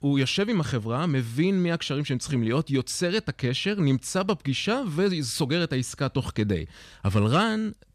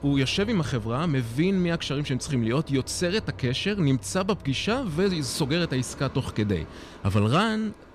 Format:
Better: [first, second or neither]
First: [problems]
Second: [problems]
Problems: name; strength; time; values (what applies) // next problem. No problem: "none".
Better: first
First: none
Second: train or aircraft noise; noticeable; throughout; 15 dB below the speech